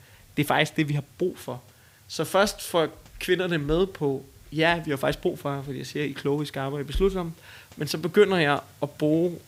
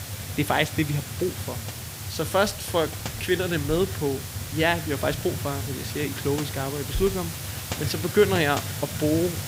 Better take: first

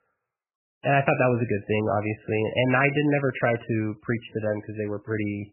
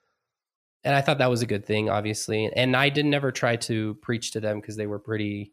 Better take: second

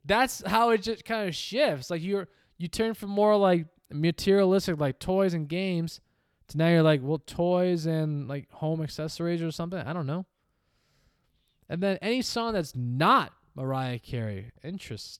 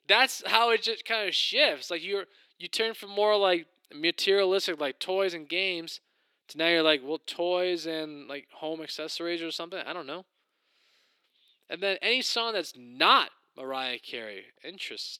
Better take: first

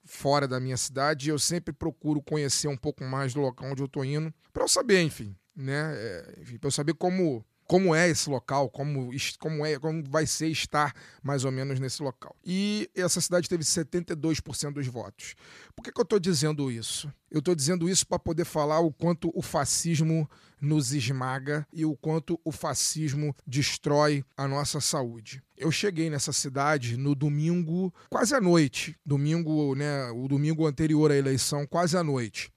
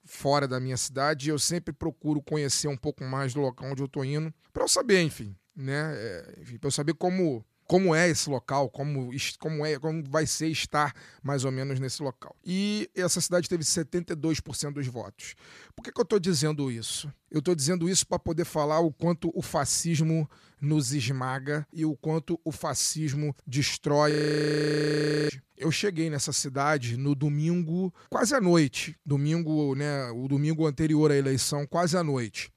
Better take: first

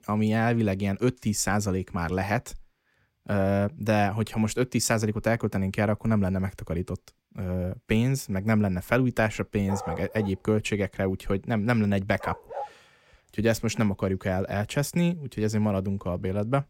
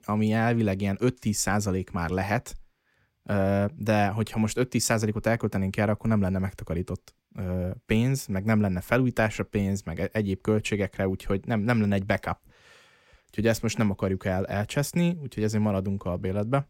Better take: second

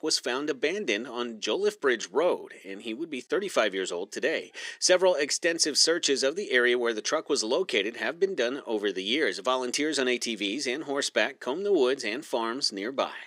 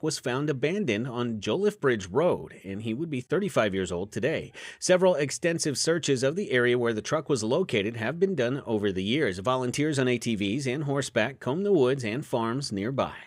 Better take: second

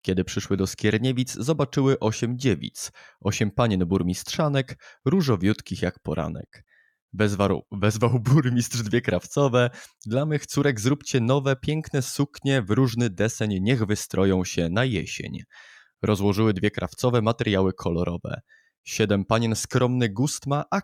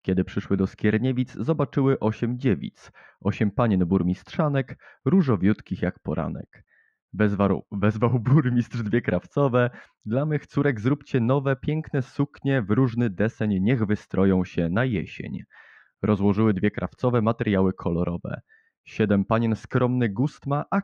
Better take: first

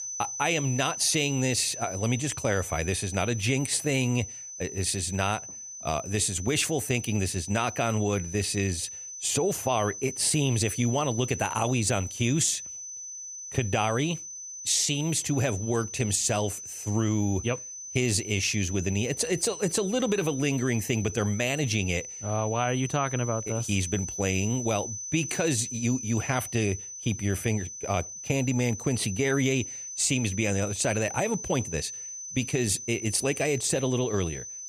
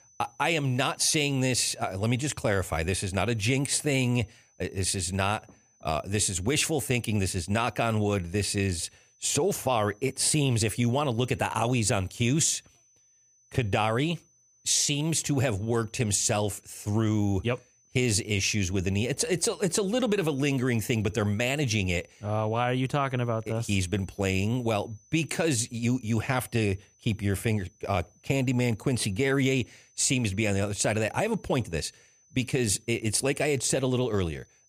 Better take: second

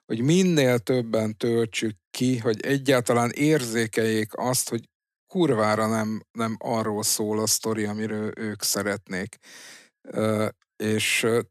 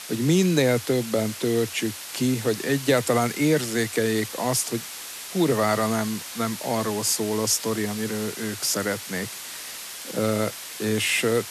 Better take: first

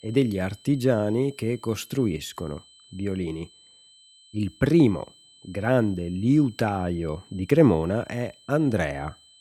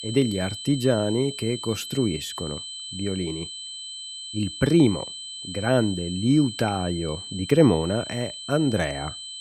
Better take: first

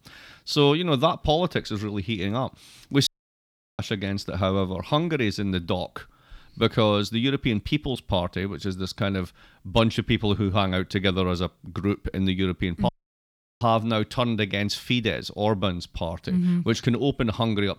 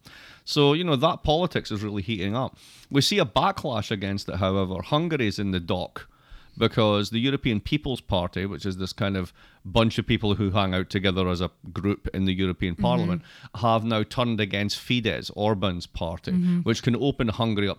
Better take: second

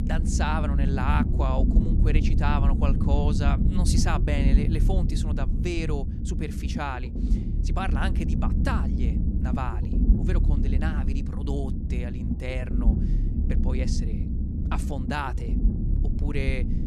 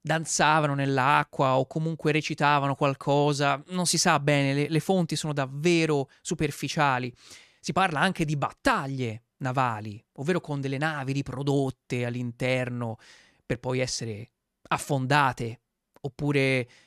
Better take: second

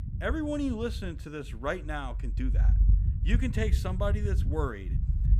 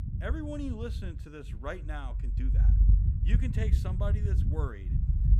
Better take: first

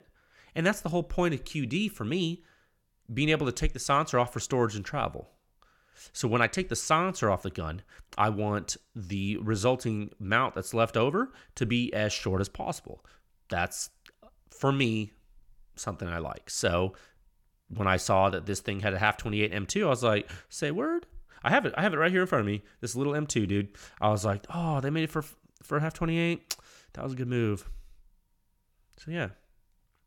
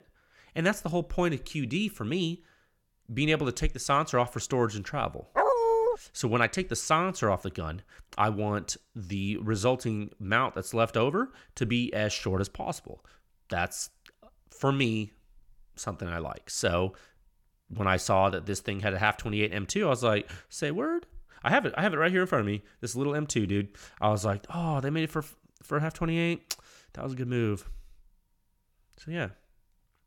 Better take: first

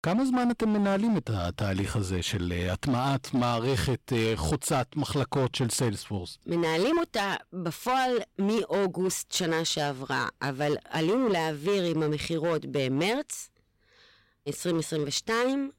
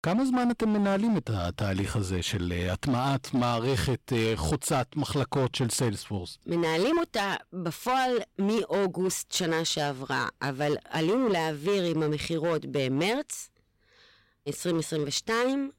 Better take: neither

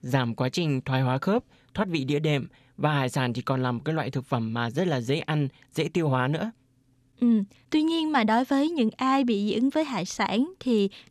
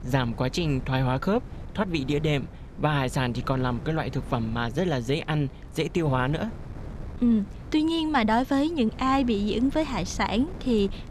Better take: first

